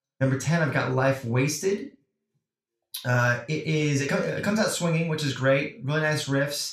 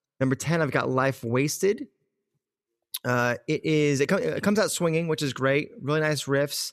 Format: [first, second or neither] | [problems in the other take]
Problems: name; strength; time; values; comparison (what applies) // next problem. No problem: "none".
second | room echo; slight; dies away in 0.3 s // off-mic speech; somewhat distant